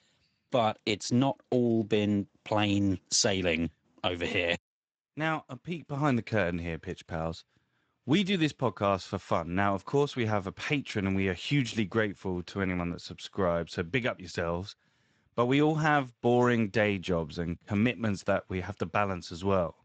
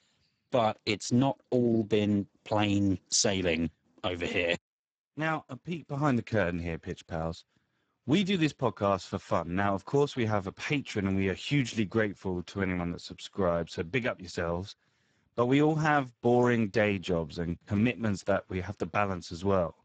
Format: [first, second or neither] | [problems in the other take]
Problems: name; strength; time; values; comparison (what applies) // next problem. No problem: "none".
first | garbled, watery; badly; nothing above 7.5 kHz; slightly in the first